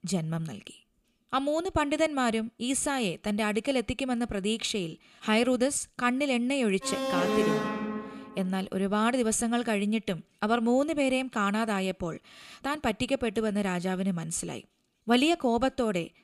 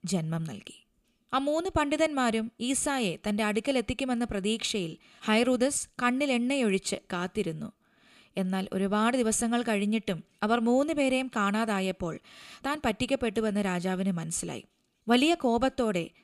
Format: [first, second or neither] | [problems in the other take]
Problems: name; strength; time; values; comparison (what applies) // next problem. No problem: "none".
second | alarm; loud; from 7 to 8.5 s; peak 2 dB above the speech